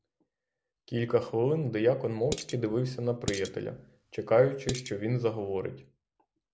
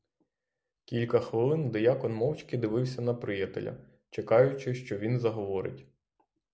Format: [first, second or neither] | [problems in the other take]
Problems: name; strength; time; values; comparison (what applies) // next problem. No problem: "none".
second | background sound (Dishes, pots, and pans); 10 dB below the speech